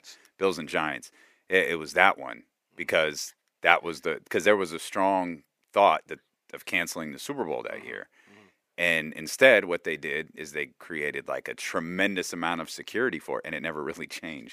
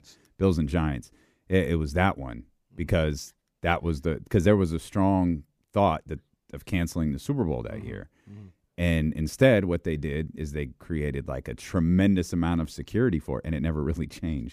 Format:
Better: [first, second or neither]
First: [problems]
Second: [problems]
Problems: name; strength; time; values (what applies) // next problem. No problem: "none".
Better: second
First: thin; very; fading below 550 Hz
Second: none